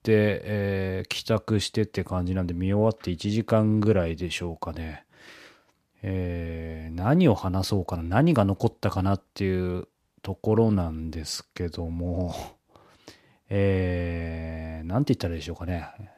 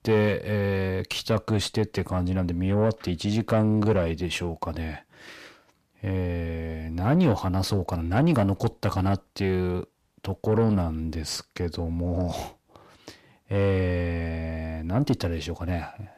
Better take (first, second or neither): first